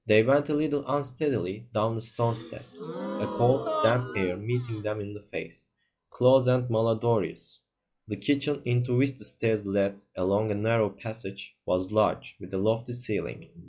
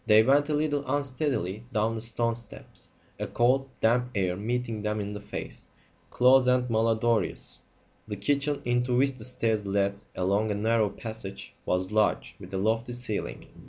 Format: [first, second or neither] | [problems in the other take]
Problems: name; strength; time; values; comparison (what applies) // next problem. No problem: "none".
second | noise reduction (classical method log-MMSE)